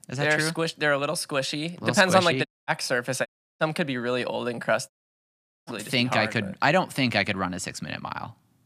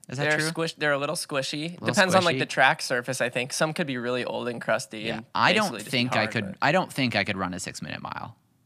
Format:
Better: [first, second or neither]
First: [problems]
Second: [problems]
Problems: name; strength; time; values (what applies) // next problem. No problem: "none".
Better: second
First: audio cutting out; at 2.5 s, at 3.5 s and at 5 s for 1 s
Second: none